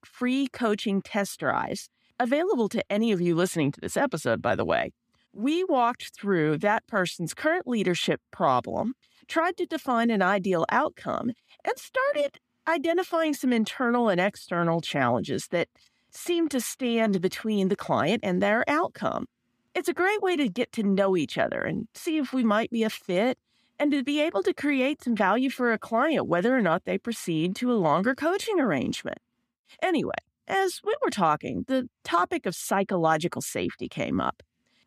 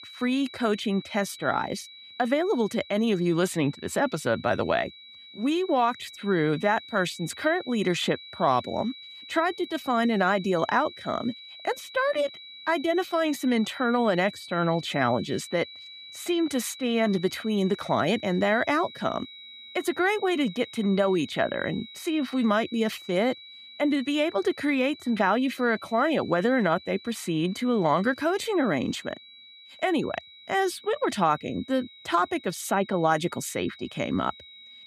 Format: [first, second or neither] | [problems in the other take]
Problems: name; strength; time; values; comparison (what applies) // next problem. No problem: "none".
first | high-pitched whine; noticeable; throughout; 4 kHz, 15 dB below the speech